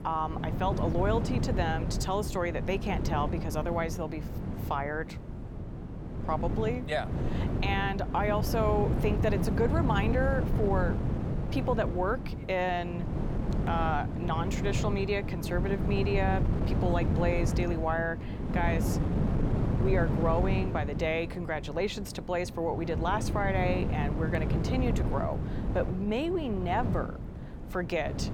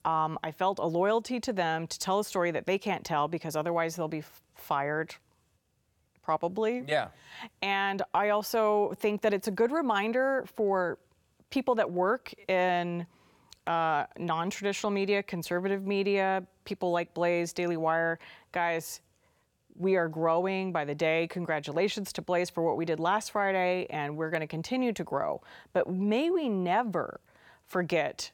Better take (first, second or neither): second